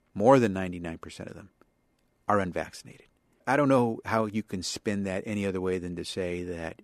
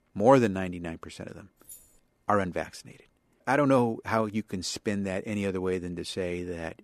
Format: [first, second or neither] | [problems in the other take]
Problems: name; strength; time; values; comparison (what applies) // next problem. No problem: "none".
first | jangling keys; faint; at 1.5 s; peak 20 dB below the speech